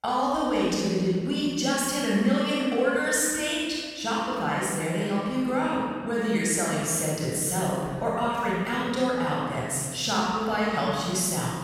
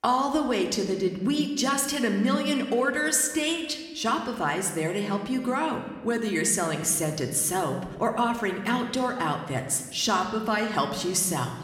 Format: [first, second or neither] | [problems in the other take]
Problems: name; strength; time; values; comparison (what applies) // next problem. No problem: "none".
second | room echo; strong; dies away in 1.7 s; slight in the second // off-mic speech; far